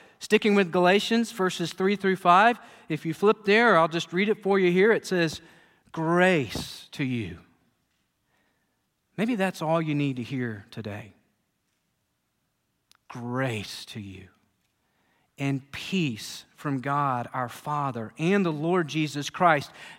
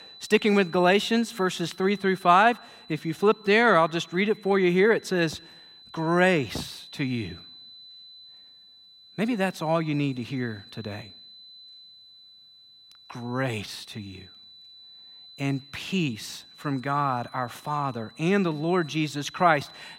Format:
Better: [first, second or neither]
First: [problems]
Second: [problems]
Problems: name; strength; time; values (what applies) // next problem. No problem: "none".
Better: first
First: none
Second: high-pitched whine; faint; throughout; 4 kHz, 20 dB below the speech